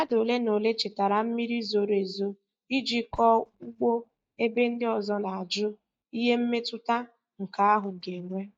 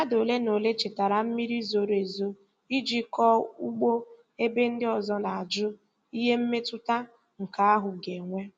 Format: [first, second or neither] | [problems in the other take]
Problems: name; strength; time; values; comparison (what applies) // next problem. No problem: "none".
second | noise reduction (neural mask model DeepFilterNet 3)